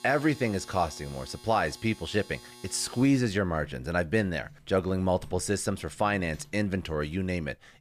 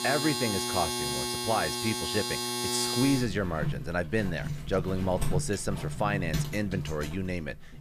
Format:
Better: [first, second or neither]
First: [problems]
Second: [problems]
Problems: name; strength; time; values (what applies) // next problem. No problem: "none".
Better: first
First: household noises; faint; throughout; 20 dB below the speech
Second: household noises; loud; throughout; 1 dB below the speech